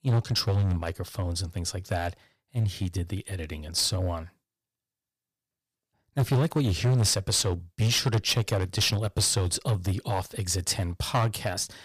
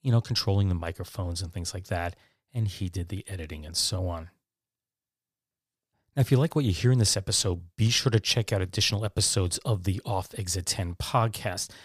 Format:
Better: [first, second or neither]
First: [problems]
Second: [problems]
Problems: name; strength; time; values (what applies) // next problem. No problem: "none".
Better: second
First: distortion; slight; 7% of the sound clipped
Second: none